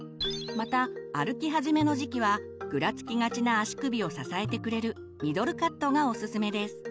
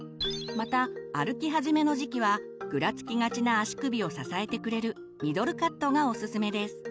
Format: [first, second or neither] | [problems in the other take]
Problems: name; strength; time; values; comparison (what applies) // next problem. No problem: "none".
second | background sound (Tabla); 17 dB below the speech